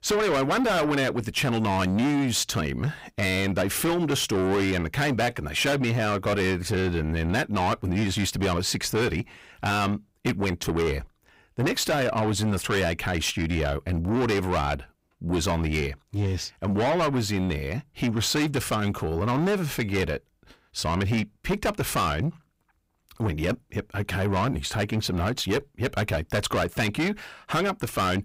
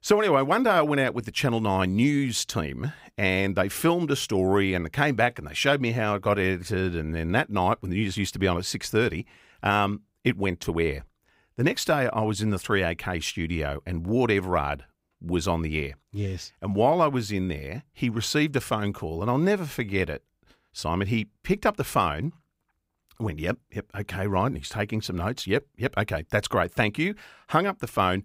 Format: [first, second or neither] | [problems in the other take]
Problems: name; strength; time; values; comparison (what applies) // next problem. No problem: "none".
second | distortion; heavy; 6 dB below the speech